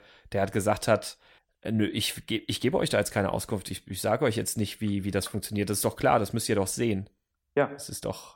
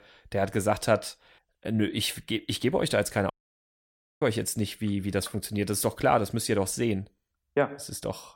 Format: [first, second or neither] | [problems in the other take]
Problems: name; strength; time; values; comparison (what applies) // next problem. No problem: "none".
first | audio cutting out; at 3.5 s for 1 s